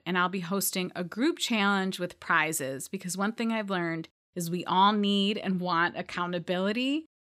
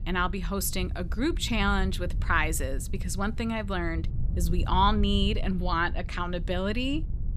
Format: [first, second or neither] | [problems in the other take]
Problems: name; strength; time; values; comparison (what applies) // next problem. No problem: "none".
first | wind noise on the microphone; occasional gusts; 20 dB below the speech